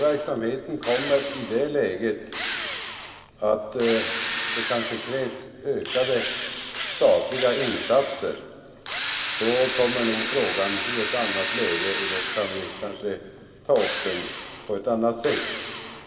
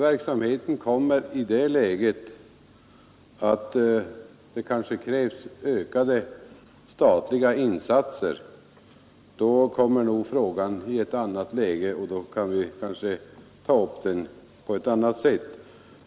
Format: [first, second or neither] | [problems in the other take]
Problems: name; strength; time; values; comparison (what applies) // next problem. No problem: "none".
second | background sound (Drill); 5 dB below the speech // room echo; dies away in 2.3 s